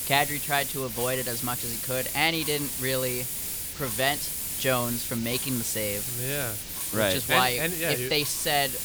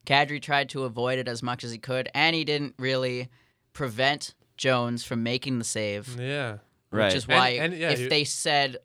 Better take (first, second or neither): second